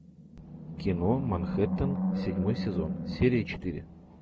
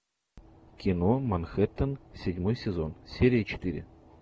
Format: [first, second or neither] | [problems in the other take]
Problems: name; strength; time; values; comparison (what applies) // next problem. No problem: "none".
second | background sound (Animal); 3 dB below the speech